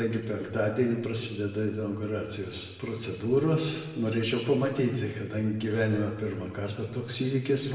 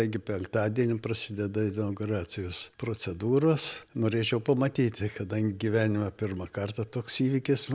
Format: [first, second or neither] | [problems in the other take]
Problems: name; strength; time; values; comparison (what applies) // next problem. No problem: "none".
second | room echo; dies away in 1.2 s